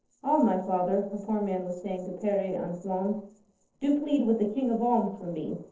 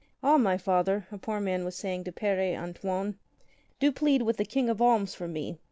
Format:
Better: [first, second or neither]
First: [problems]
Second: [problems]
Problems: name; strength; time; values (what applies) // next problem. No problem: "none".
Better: second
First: noise reduction (neural separator model SepFormer DNS4)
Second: none